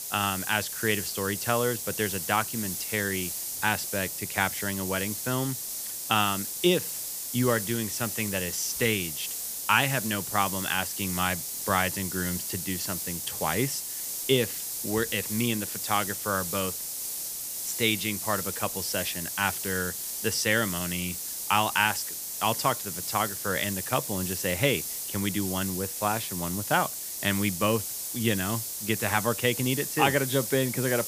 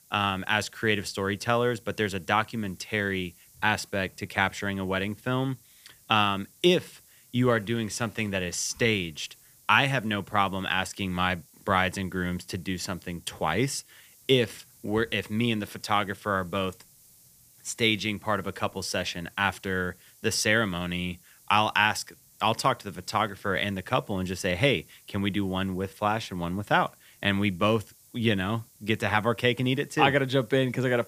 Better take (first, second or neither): second